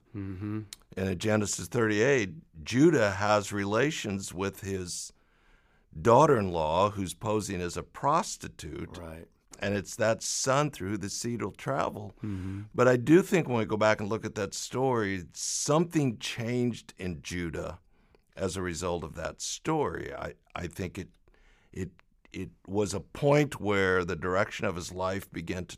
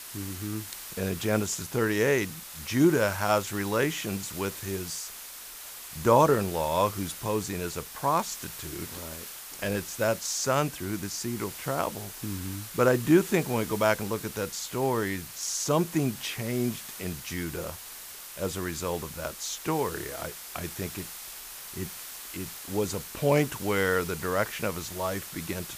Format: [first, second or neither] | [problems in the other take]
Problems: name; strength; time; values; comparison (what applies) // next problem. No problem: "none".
first | hiss; noticeable; throughout; 10 dB below the speech